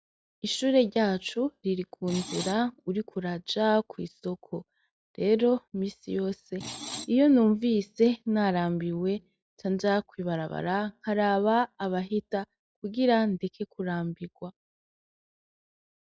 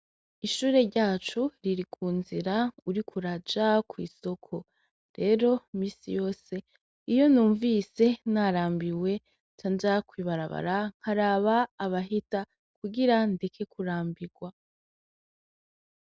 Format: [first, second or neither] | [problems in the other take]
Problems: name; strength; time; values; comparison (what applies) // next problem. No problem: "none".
second | noise reduction (classical method log-MMSE)